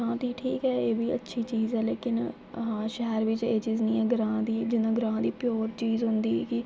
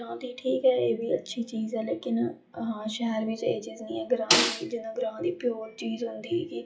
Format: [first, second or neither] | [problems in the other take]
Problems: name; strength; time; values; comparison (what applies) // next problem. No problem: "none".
first | noise reduction (classical method WPE with log-MMSE)